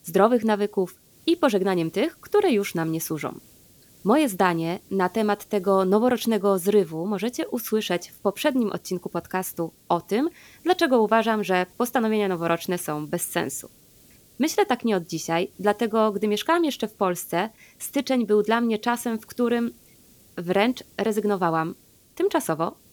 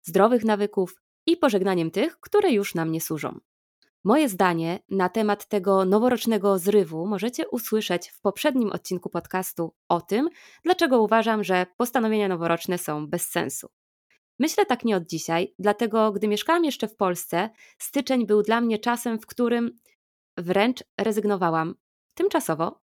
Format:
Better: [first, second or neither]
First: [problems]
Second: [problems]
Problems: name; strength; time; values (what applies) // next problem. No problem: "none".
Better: second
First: hiss; faint; throughout; 30 dB below the speech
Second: none